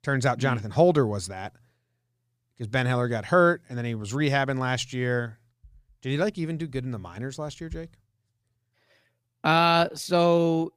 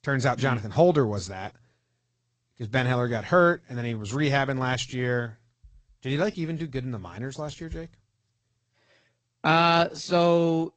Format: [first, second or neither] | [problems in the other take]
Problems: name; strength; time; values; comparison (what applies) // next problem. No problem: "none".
first | garbled, watery; slightly; nothing above 7.5 kHz